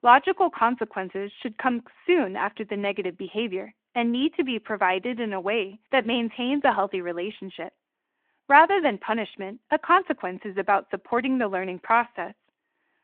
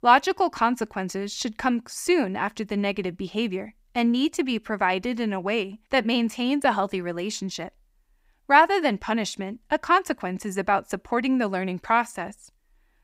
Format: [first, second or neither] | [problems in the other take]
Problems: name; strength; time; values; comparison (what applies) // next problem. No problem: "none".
second | phone-call audio